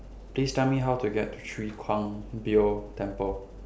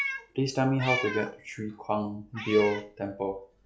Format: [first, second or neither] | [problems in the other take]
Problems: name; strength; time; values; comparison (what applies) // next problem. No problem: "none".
first | noise reduction (classical method log-MMSE)